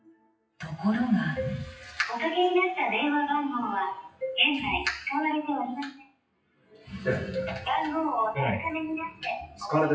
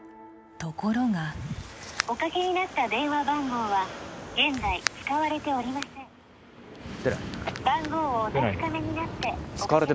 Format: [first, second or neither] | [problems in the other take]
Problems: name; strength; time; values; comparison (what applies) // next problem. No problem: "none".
second | noise reduction (classical method WPE with log-MMSE)